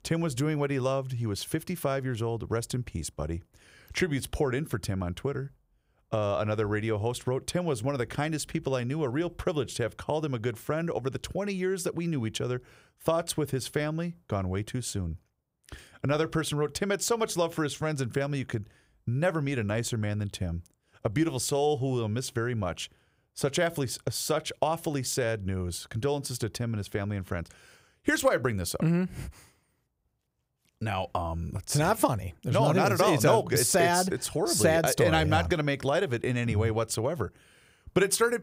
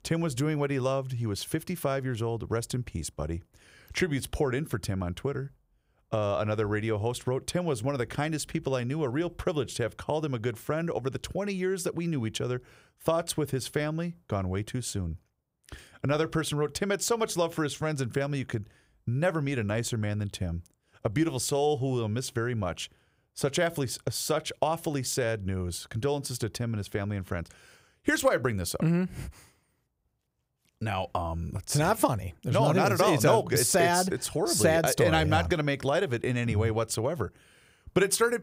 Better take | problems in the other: neither | none

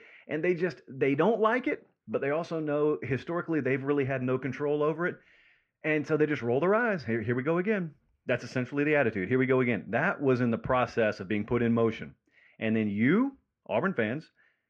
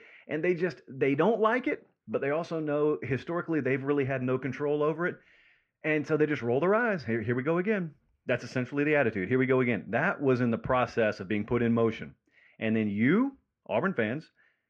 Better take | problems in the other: neither | muffled; slightly; fading above 2.5 kHz; the same in both

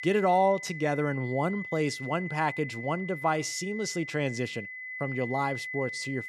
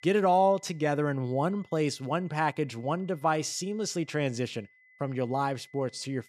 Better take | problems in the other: second | high-pitched whine; loud; throughout; 2 kHz, 8 dB below the speech; faint in the second

